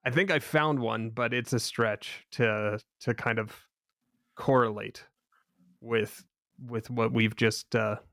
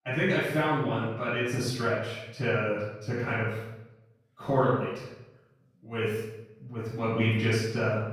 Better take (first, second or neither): first